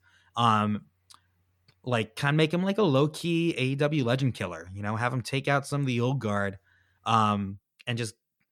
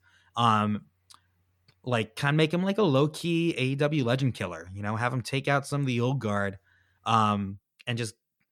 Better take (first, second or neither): neither